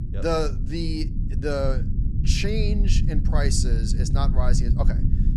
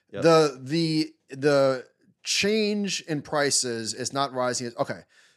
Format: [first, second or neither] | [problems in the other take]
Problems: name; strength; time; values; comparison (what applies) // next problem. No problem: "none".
second | low rumble; loud; throughout; 9 dB below the speech